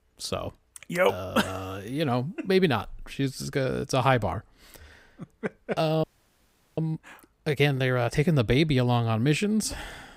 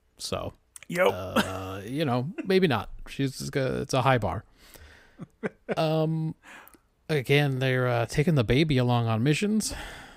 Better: second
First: audio freezing; at 6 s for 0.5 s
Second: none

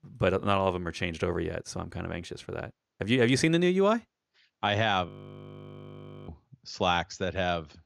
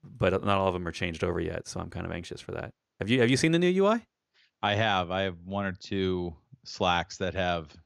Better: second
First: audio freezing; at 5 s for 1 s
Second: none

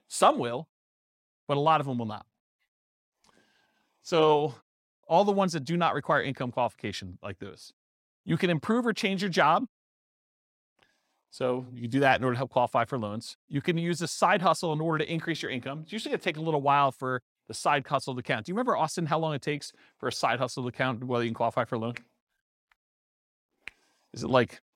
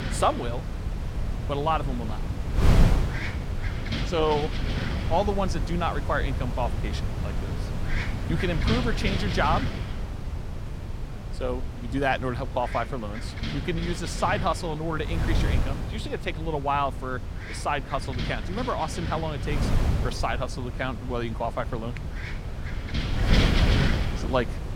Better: first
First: none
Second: wind noise on the microphone; heavy; 7 dB below the speech

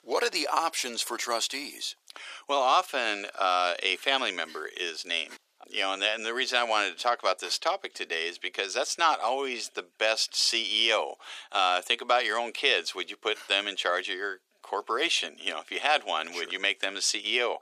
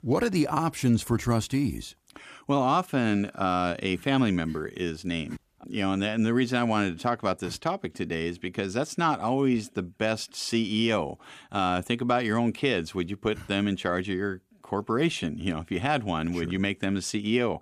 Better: second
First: thin; very; fading below 450 Hz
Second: none

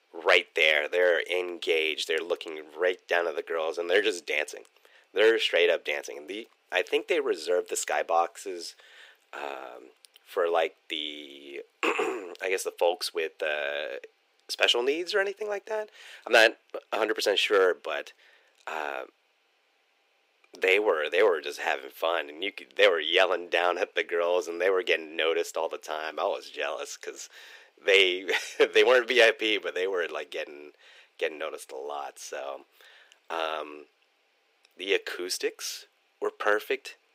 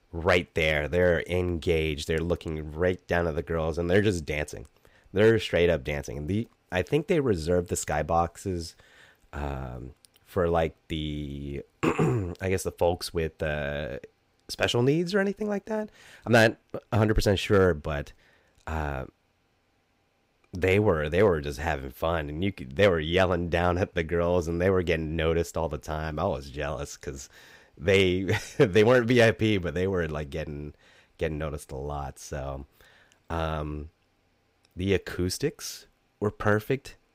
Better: second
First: thin; very; fading below 350 Hz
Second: none

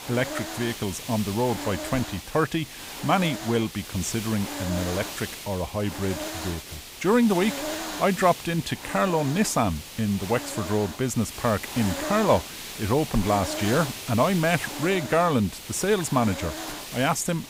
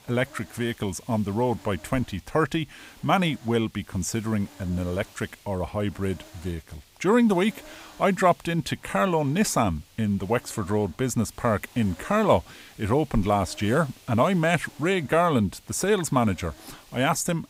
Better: second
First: hiss; loud; throughout; 9 dB below the speech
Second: hiss; faint; throughout; 25 dB below the speech

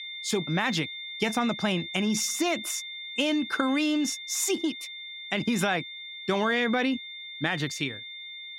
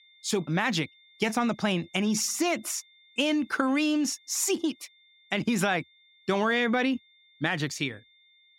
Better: second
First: high-pitched whine; loud; throughout; 3.5 kHz, 9 dB below the speech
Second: high-pitched whine; faint; throughout; 3.5 kHz, 30 dB below the speech

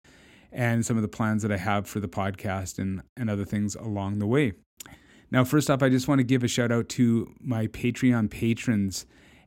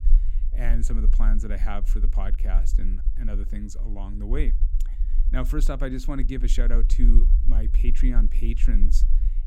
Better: first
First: none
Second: low rumble; noticeable; throughout; 15 dB below the speech

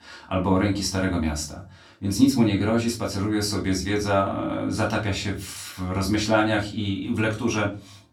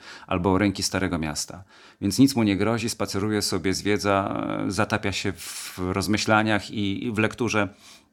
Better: second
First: off-mic speech; far // room echo; very slight; dies away in 0.3 s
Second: none

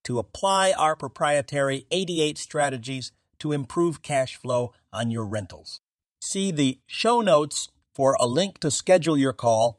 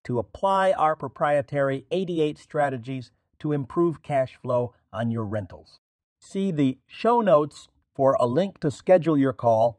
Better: first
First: none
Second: muffled; very; fading above 3 kHz

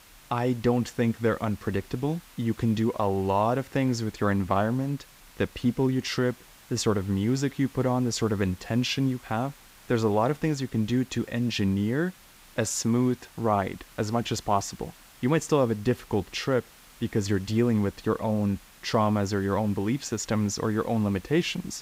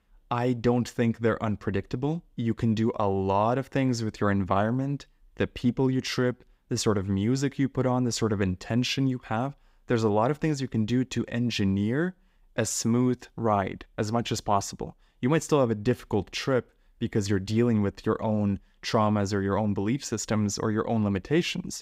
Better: second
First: hiss; faint; throughout; 25 dB below the speech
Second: none

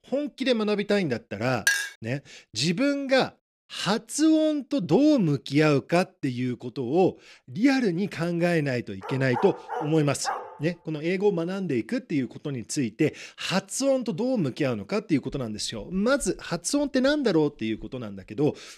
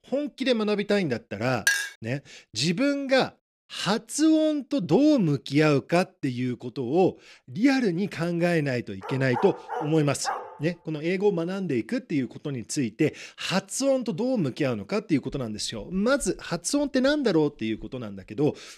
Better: neither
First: clattering dishes; loud; at 1.5 s; peak 2 dB above the speech // dog barking; noticeable; from 9 to 11 s; peak 7 dB below the speech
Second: clattering dishes; loud; at 1.5 s; peak 2 dB above the speech // dog barking; noticeable; from 9 to 11 s; peak 7 dB below the speech

